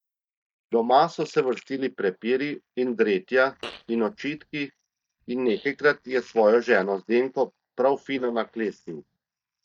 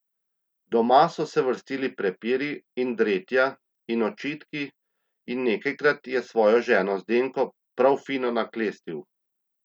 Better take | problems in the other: second | noise reduction (neural mask model DeepFilterNet 3)

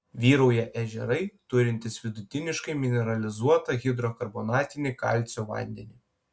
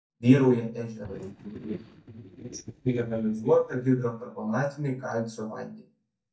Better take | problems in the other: first | noise reduction (neural mask model DeepFilterNet 3)

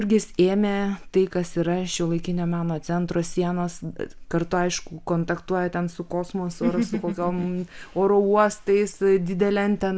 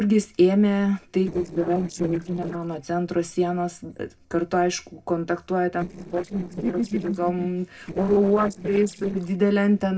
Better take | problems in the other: first | noise reduction (neural separator model SepFormer DNS4)

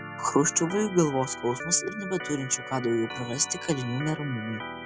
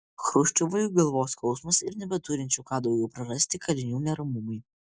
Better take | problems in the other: second | background sound (Organ); 10 dB below the speech

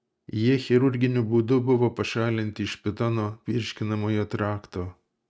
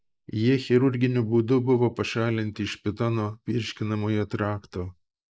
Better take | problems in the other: first | noise reduction (neural mask model Resemble Enhance denoiser)

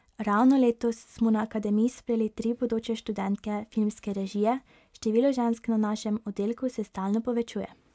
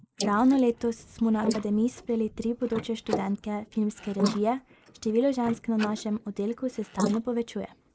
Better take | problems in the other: first | noise reduction (neural mask model Resemble Enhance denoiser)

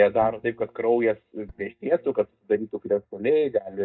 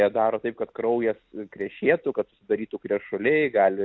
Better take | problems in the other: second | noise reduction (neural mask model DeepFilterNet 3)

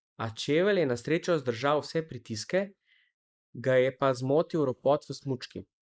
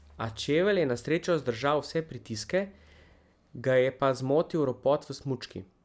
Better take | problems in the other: second | noise reduction (neural mask model Resemble Enhance denoiser)

